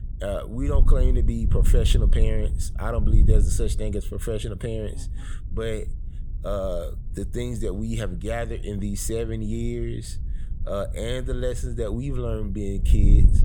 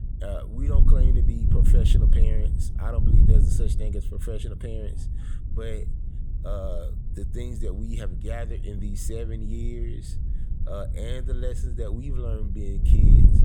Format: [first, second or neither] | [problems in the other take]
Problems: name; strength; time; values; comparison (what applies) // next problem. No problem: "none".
first | wind noise on the microphone; heavy; 3 dB below the speech; occasional gusts in the first